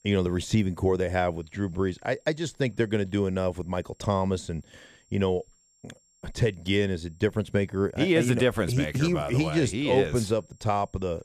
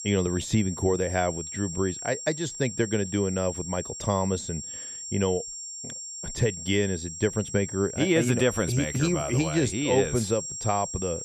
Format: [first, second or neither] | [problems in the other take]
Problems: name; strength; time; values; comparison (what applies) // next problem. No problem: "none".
first | high-pitched whine; loud; throughout; 7.5 kHz, 8 dB below the speech; faint in the first